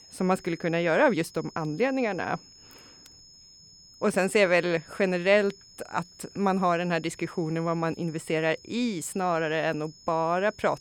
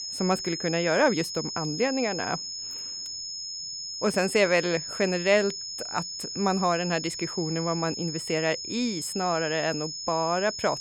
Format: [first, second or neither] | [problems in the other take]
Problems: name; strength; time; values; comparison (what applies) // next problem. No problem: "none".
first | high-pitched whine; loud; throughout; 5 kHz, 6 dB below the speech; faint in the first